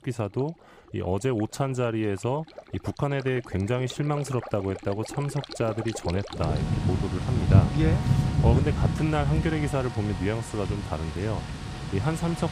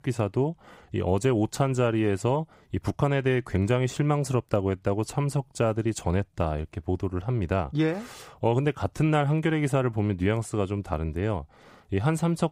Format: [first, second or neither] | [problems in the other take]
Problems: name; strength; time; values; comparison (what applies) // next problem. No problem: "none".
second | rain or running water; very loud; throughout; 1 dB above the speech